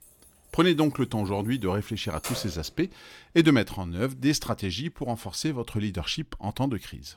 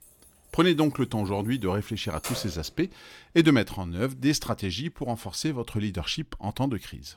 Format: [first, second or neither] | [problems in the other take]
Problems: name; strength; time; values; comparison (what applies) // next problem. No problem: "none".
neither | jangling keys; noticeable; until 2.5 s; peak 8 dB below the speech; the same in both